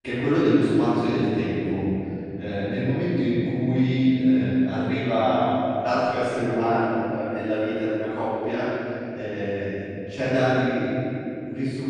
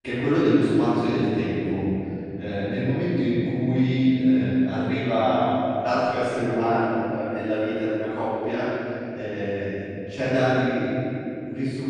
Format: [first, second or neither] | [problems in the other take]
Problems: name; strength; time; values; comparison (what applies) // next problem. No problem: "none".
neither | off-mic speech; far; the same in both // room echo; strong; dies away in 3 s; the same in both